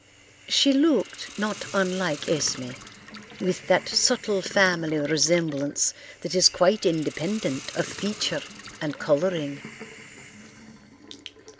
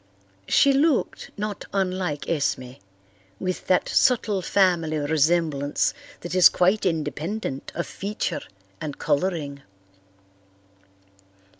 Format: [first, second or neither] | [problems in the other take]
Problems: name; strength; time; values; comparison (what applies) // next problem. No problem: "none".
second | background sound (Hiss + Gurgling); 16 dB below the speech